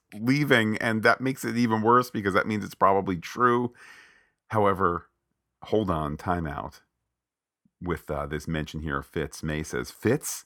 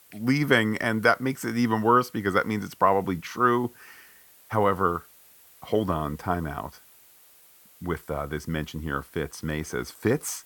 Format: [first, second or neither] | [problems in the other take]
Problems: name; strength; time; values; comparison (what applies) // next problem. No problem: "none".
first | hiss; faint; throughout; 25 dB below the speech